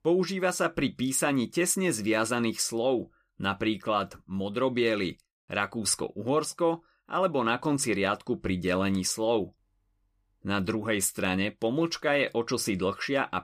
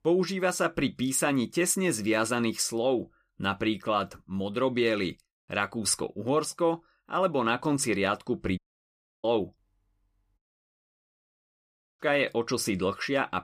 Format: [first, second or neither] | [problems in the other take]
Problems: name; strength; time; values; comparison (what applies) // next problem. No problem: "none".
first | audio cutting out; at 8.5 s for 0.5 s and at 10 s for 1.5 s